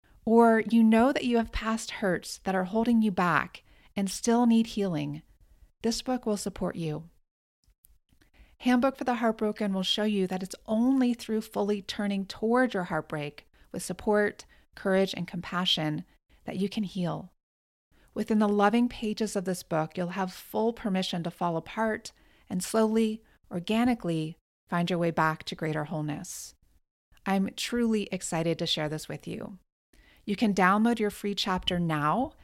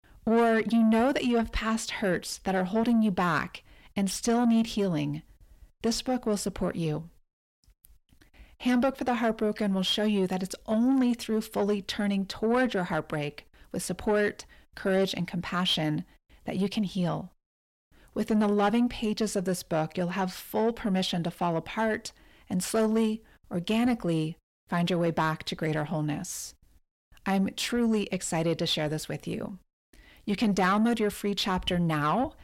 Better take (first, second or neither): first